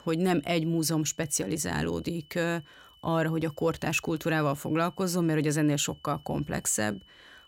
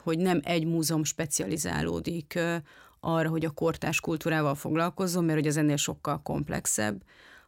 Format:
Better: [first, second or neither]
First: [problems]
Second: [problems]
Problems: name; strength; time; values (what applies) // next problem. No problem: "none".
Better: second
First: high-pitched whine; faint; throughout; 3 kHz, 30 dB below the speech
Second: none